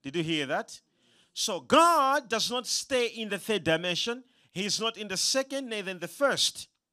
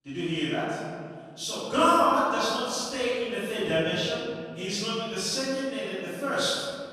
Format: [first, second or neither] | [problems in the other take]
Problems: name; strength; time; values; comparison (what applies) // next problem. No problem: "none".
first | off-mic speech; far // room echo; strong; dies away in 2.2 s